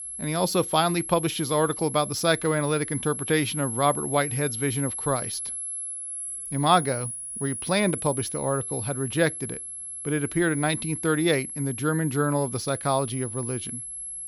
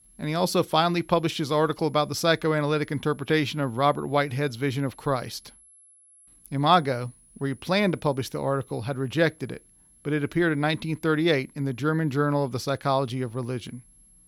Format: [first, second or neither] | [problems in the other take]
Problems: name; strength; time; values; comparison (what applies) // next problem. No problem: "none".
second | high-pitched whine; loud; throughout; 11 kHz, 6 dB below the speech; faint in the second